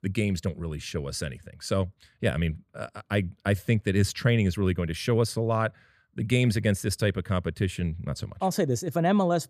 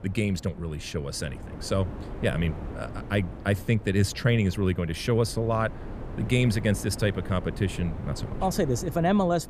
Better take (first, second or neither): first